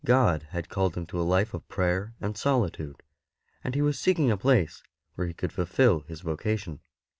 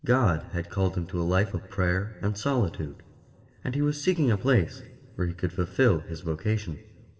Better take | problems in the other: first | room echo; dies away in 2.1 s

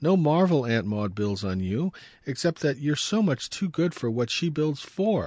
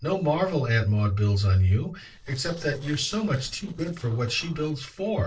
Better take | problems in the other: first | noise reduction (neural separator model SepFormer DNS4)

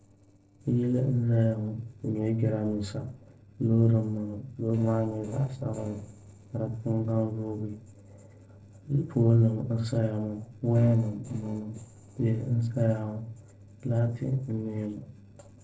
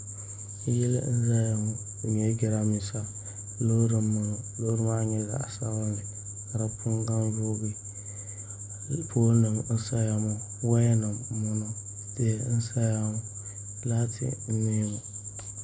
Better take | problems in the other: second | noise reduction (neural separator model SepFormer DNS4)

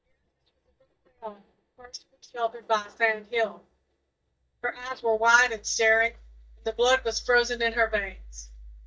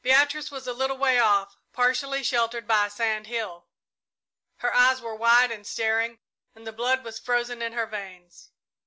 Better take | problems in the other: second | noise reduction (neural mask model DeepFilterNet 3)

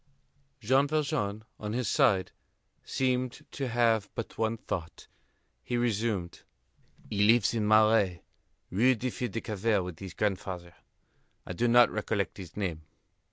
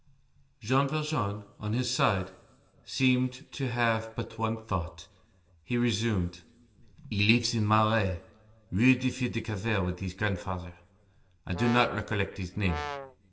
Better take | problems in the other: first | background sound (Brass instrument); 9 dB below the speech // room echo; dies away in 0.8 s

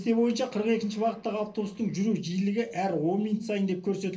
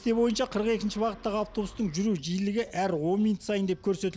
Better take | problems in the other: second | noise reduction (neural separator model SepFormer DNS4)

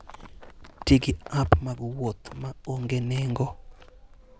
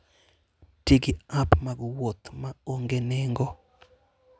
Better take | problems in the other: second | background sound (Livestock, farm animals, working animals); 18 dB below the speech

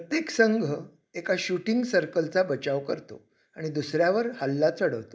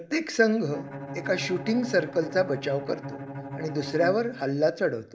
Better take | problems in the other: first | background sound (Bowed string instrument); 12 dB below the speech

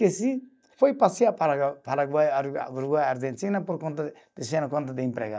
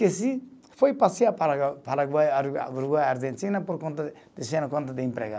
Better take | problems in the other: second | noise reduction (neural mask model DeepFilterNet 3)

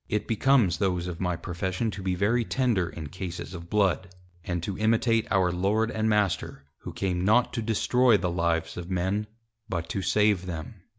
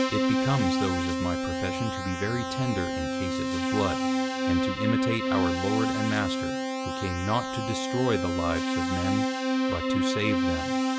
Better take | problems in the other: first | background sound (Keyboard (musical)); 3 dB above the speech

